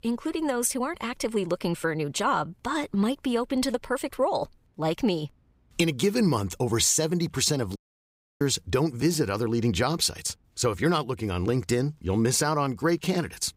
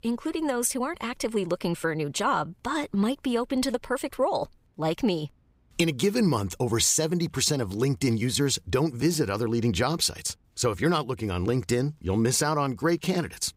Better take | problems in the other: second | audio cutting out; at 8 s for 0.5 s

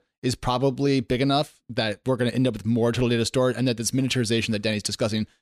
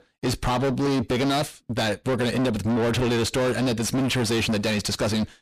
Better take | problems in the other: first | distortion; heavy; 5 dB below the speech

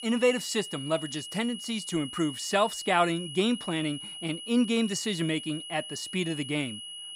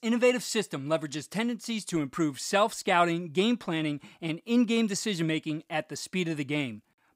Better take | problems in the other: second | high-pitched whine; loud; throughout; 3 kHz, 9 dB below the speech

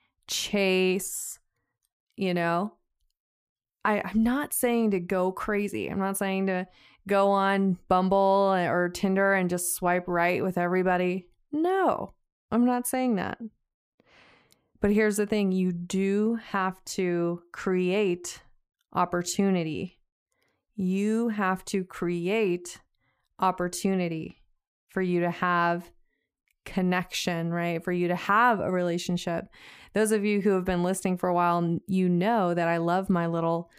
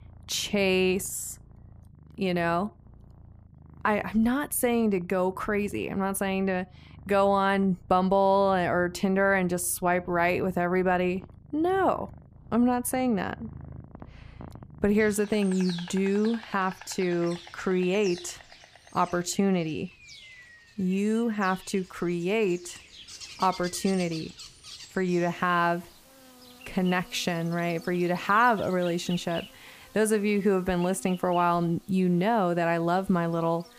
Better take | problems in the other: first | animal sounds; noticeable; throughout; 20 dB below the speech

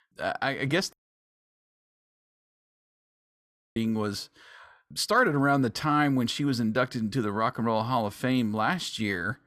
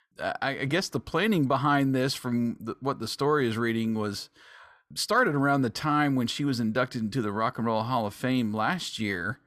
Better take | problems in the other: second | audio cutting out; at 1 s for 3 s

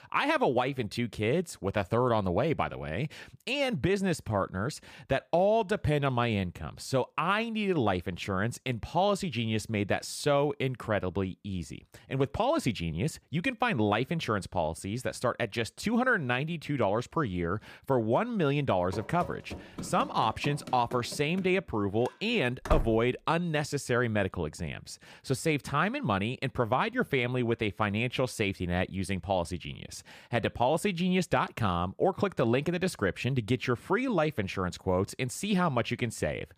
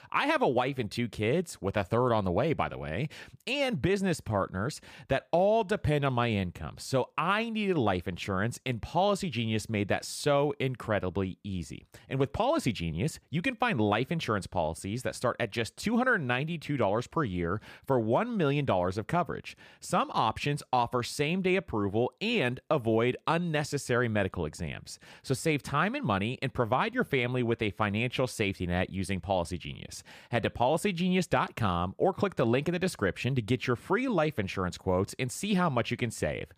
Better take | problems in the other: second | door banging; noticeable; from 19 to 23 s; peak 4 dB below the speech

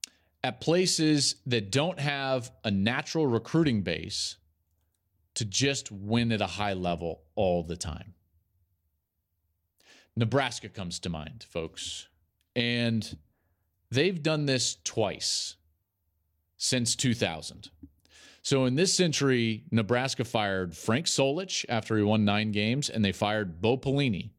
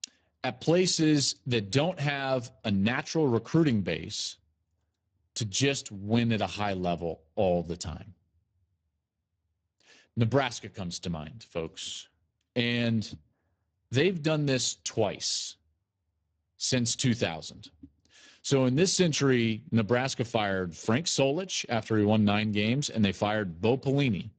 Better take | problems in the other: first | garbled, watery; badly; nothing above 8 kHz

